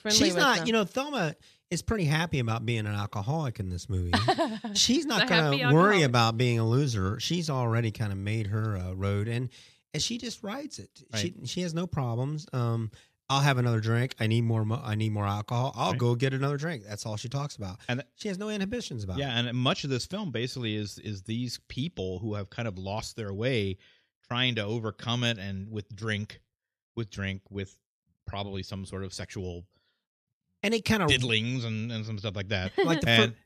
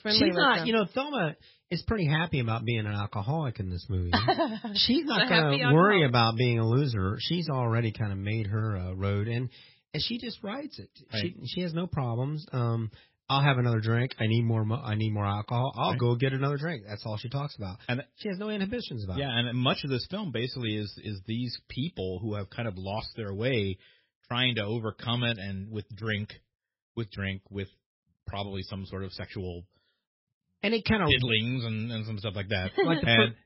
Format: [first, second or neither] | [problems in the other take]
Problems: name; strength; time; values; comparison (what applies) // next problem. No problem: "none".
first | garbled, watery; badly; nothing above 5.5 kHz